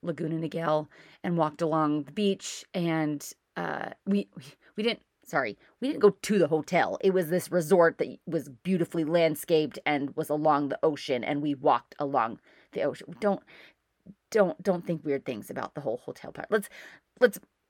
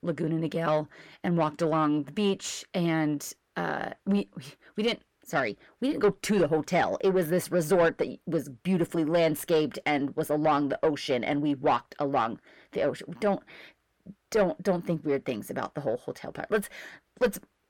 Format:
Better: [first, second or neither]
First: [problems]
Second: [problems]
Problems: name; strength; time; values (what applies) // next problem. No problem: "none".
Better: first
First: none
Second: distortion; slight; 10 dB below the speech